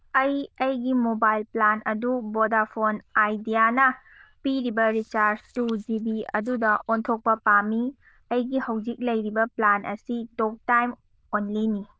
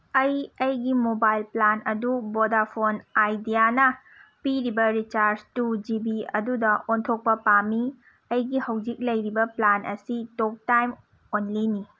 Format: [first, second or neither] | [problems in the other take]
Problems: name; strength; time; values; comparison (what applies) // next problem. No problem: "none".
second | noise reduction (neural diffusion model UNIVERSE++)